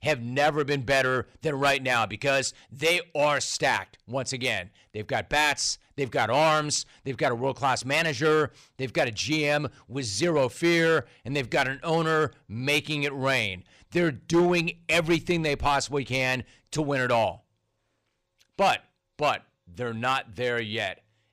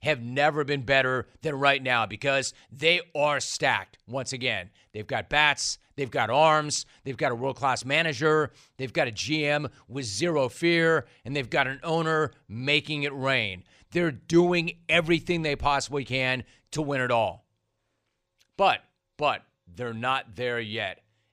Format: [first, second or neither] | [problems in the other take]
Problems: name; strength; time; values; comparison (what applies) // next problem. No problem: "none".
second | distortion; slight; 3% of the sound clipped